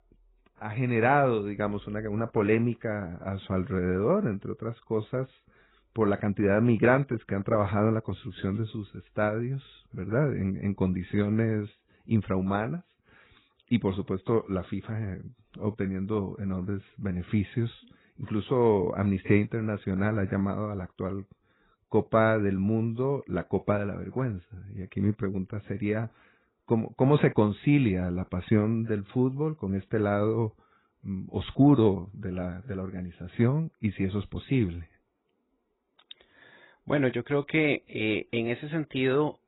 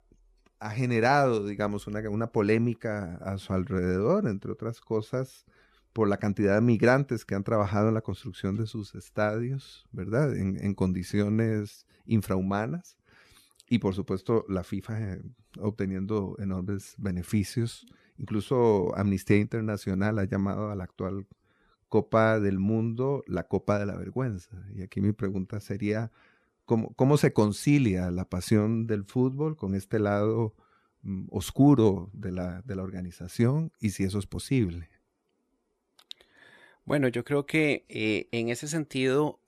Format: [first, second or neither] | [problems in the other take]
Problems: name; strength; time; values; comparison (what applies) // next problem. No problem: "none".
second | garbled, watery; badly; nothing above 4 kHz